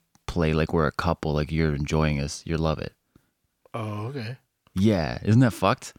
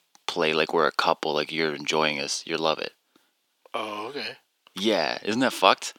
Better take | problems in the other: first | thin; somewhat; fading below 300 Hz

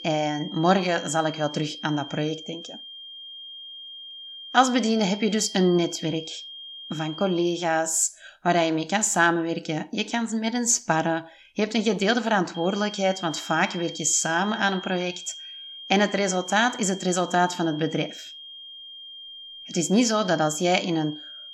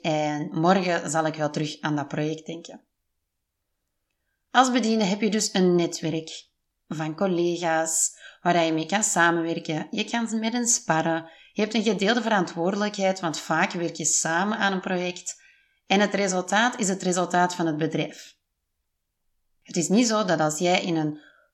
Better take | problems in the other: second | high-pitched whine; noticeable; until 7.5 s and from 13 s on; 3 kHz, 15 dB below the speech

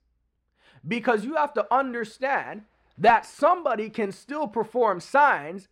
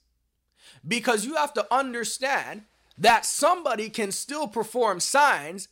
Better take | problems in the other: second | muffled; very; fading above 3.5 kHz

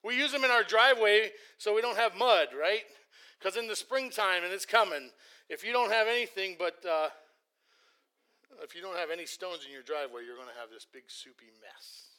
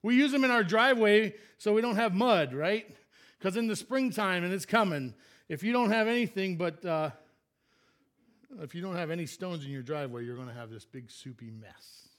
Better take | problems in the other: second | thin; very; fading below 450 Hz

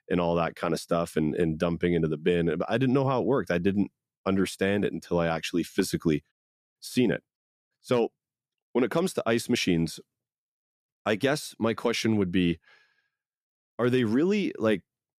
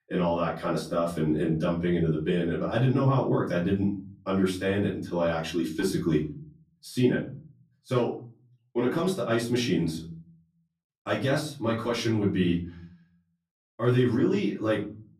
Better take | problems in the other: first | off-mic speech; far // room echo; slight; dies away in 0.5 s

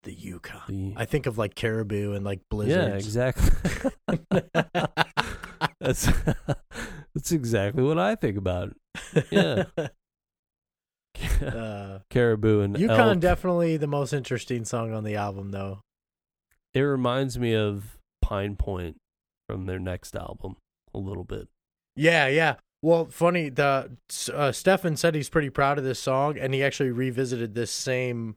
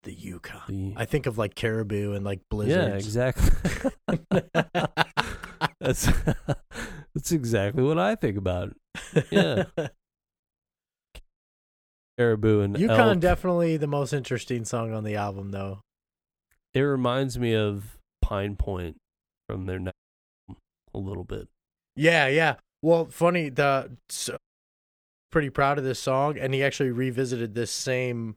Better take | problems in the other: first | audio cutting out; at 11 s for 1 s, at 20 s for 0.5 s and at 24 s for 1 s

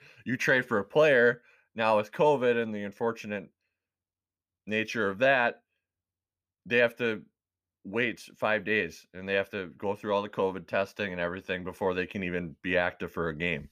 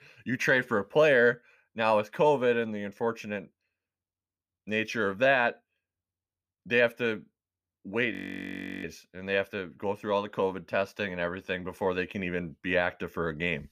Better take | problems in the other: first | audio freezing; at 8 s for 0.5 s

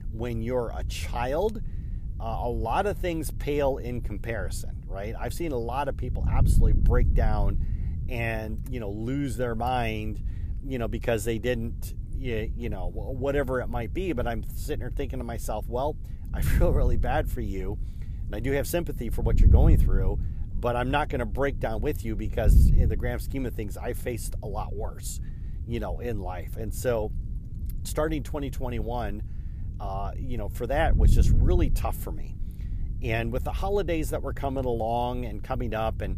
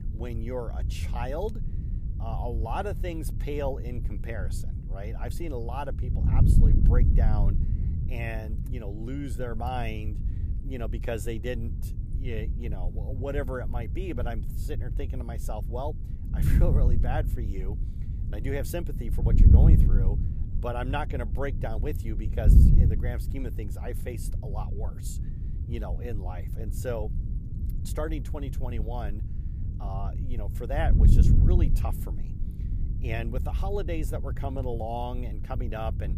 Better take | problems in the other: first | wind noise on the microphone; heavy; 7 dB below the speech; occasional gusts in the first

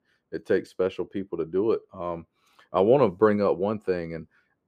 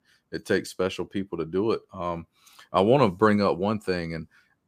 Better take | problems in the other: second | muffled; slightly; fading above 3.5 kHz

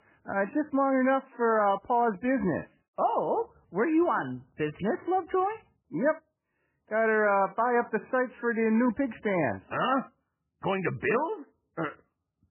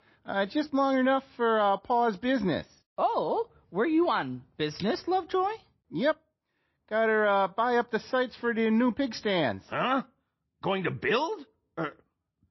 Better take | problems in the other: second | garbled, watery; badly; nothing above 3 kHz; slightly in the second

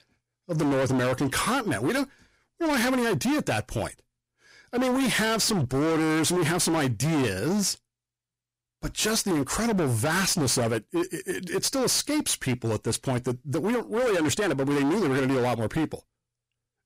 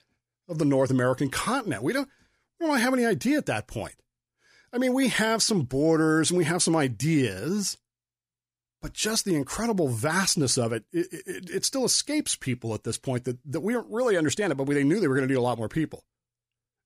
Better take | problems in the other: second | distortion; heavy; 25% of the sound clipped

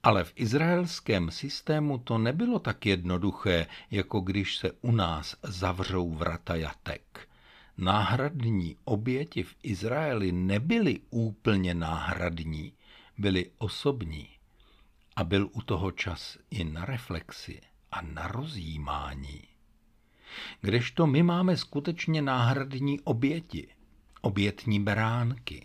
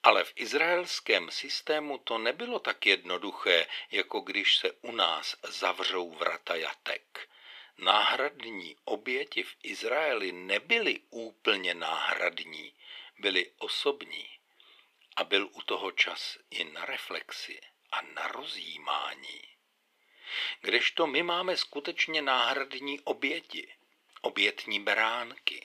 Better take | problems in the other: first | thin; very; fading below 400 Hz

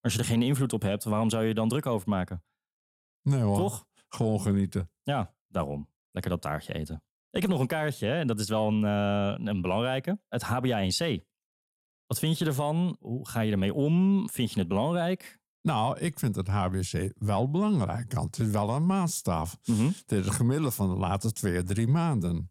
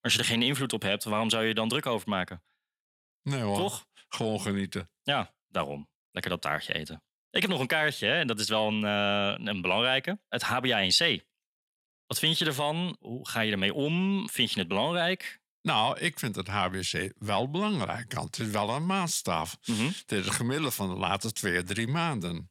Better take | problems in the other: first | thin; very slightly; fading below 250 Hz

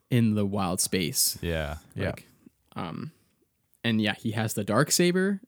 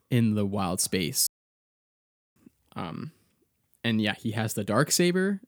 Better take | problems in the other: first | audio cutting out; at 1.5 s for 1 s

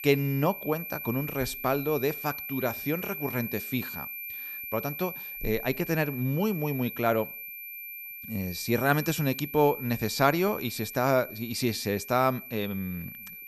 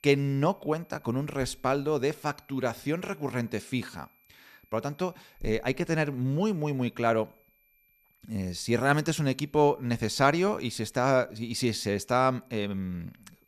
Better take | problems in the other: second | high-pitched whine; loud; throughout; 2.5 kHz, 8 dB below the speech; faint in the second

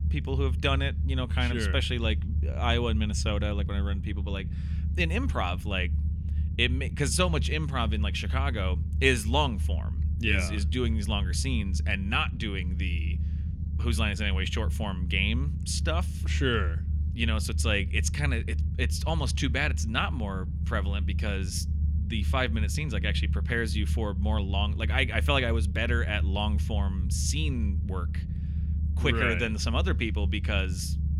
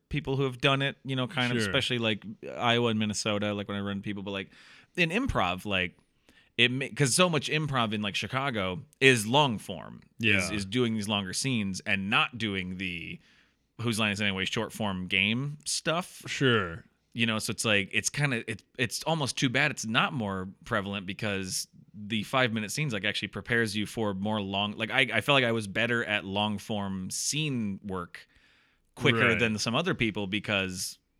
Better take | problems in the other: second | low rumble; noticeable; throughout; 15 dB below the speech

